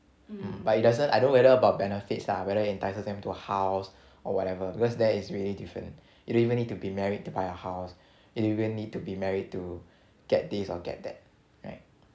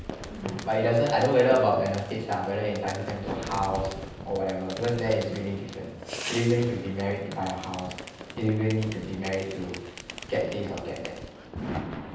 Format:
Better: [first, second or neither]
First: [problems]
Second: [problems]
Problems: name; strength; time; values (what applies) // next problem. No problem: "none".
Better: first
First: none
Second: background sound (Fireworks); 11 dB below the speech // room echo; dies away in 0.9 s